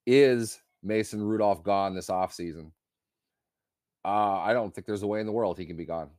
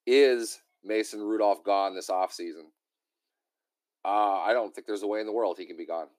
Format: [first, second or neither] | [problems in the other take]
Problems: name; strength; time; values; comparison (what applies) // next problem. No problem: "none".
first | thin; somewhat; fading below 300 Hz